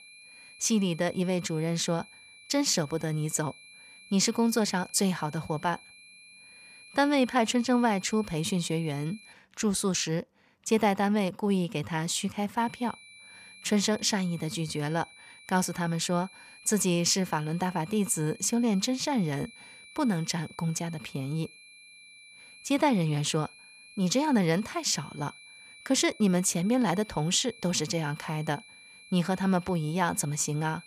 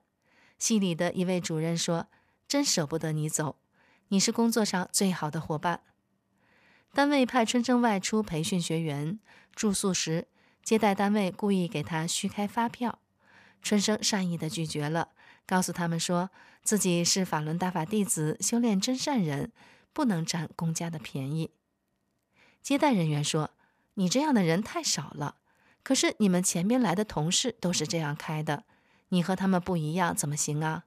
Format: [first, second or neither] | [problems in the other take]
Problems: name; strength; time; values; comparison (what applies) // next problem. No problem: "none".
second | high-pitched whine; faint; until 9.5 s and from 13 s on; 2.5 kHz, 20 dB below the speech